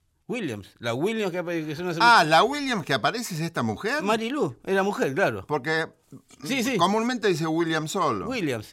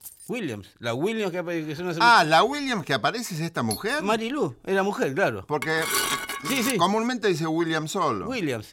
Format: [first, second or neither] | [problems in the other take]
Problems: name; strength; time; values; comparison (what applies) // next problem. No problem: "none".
first | jangling keys; faint; at the start; peak 20 dB below the speech // doorbell; noticeable; at 3.5 s; peak 9 dB below the speech // clattering dishes; loud; from 5.5 to 6.5 s; peak 1 dB above the speech